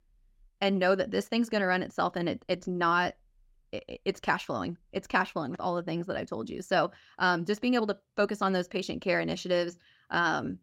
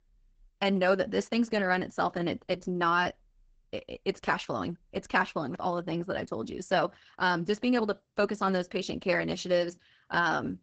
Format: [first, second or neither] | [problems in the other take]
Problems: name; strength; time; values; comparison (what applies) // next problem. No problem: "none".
first | garbled, watery; badly; nothing above 8 kHz